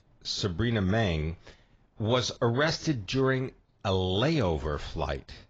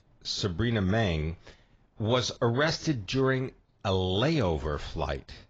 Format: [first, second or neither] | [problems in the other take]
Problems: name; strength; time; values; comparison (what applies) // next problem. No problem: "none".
neither | garbled, watery; badly; the same in both